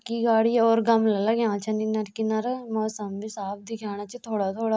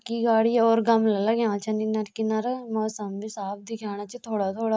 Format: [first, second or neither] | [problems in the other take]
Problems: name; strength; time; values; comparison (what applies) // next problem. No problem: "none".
first | noise reduction (neural mask model Resemble Enhance denoiser)